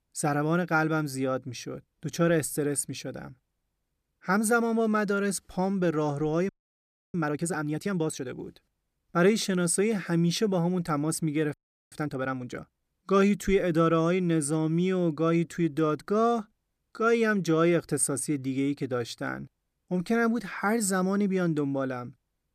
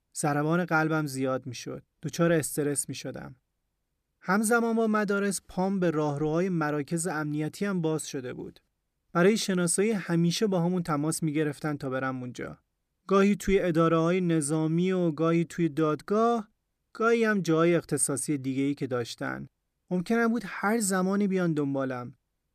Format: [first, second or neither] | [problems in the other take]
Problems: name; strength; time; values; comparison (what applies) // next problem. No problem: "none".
second | audio freezing; at 6.5 s for 0.5 s and at 12 s